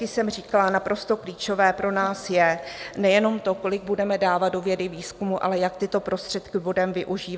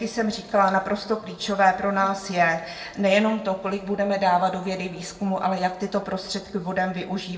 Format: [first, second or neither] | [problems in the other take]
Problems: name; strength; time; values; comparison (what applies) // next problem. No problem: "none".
first | room echo; dies away in 0.6 s